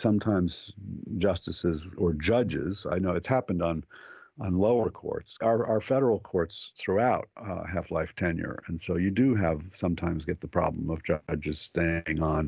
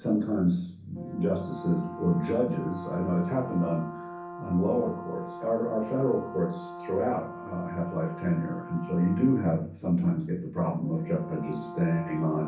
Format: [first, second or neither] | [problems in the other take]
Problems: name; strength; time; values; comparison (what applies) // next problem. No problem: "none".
first | background sound (Brass instrument); 13 dB below the speech // room echo; dies away in 0.6 s